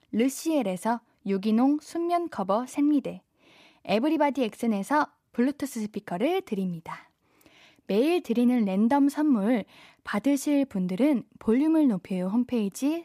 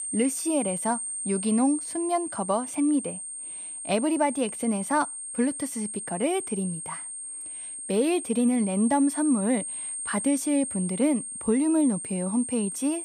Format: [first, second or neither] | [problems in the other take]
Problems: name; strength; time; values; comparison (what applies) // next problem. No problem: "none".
first | high-pitched whine; loud; throughout; 8.5 kHz, 6 dB below the speech